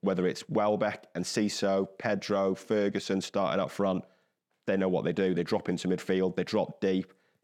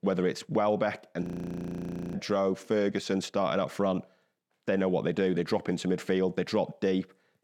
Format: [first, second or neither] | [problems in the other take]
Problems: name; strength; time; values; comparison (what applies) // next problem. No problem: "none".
first | audio freezing; at 1 s for 1 s